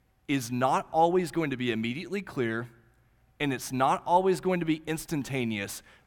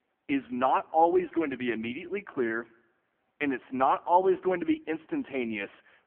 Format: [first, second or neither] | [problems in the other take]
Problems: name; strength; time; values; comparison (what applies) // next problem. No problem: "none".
first | phone-call audio; poor line